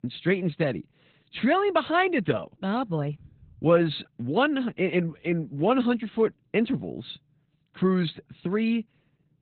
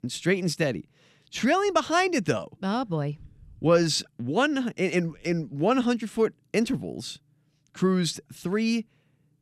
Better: second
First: garbled, watery; badly; nothing above 4 kHz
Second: none

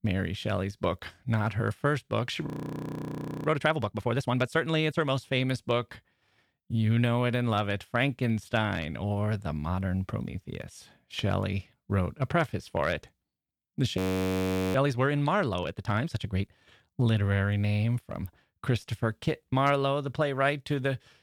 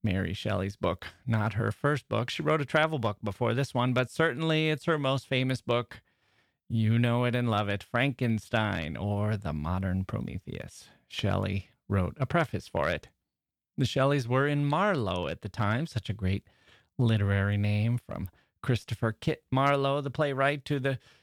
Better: second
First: audio freezing; at 2.5 s for 1 s and at 14 s for 1 s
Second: none

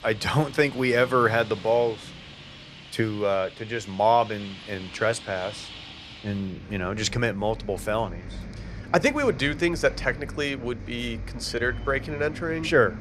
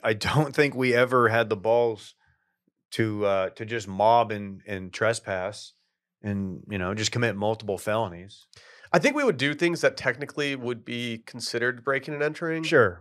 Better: second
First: traffic noise; noticeable; throughout; 15 dB below the speech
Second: none

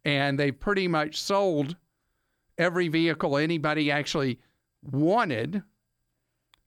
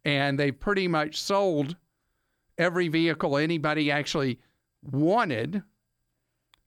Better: neither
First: none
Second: none

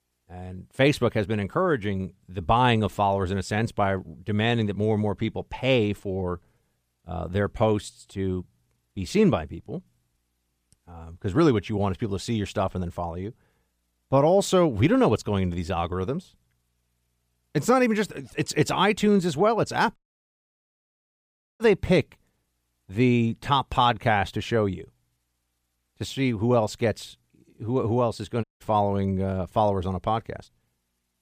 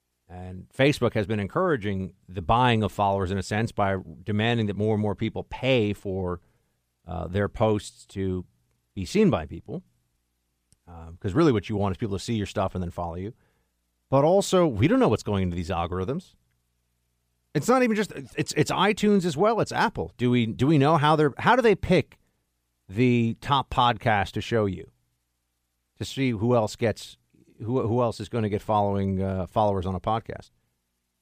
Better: second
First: audio cutting out; at 20 s for 1.5 s and at 28 s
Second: none

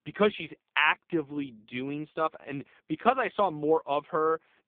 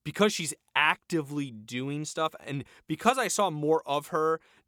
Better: second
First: phone-call audio; poor line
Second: none

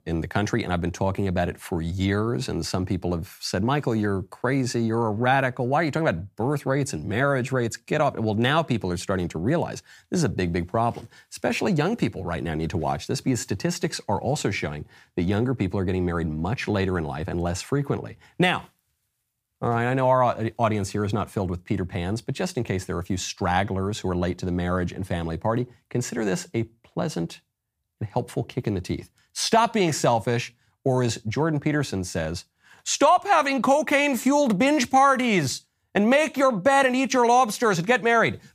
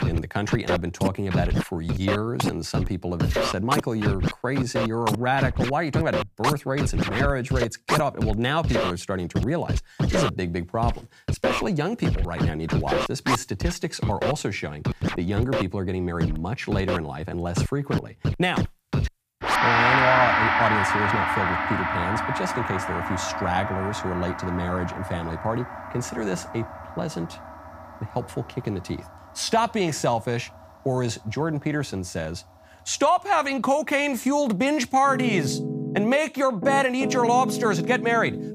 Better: first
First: none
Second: background music; loud; throughout; 1 dB below the speech

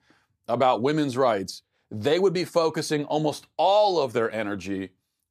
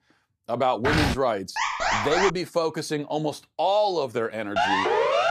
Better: first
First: none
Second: footsteps; loud; at 1 s; peak 2 dB above the speech // alarm; loud; at 1.5 s; peak 3 dB above the speech // siren; loud; at 4.5 s; peak 4 dB above the speech

